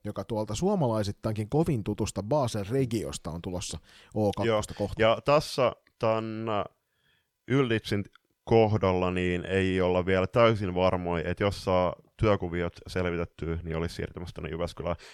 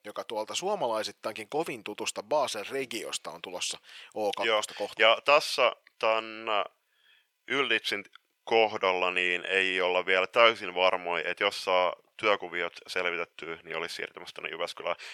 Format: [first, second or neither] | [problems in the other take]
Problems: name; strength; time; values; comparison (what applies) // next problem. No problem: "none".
first | thin; very; fading below 600 Hz